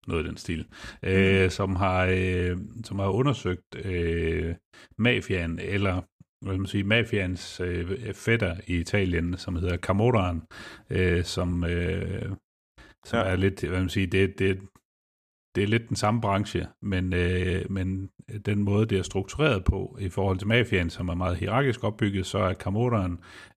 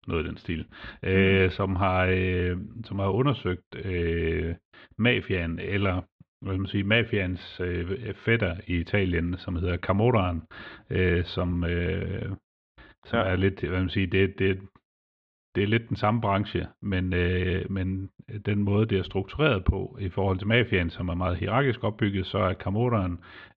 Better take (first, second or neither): first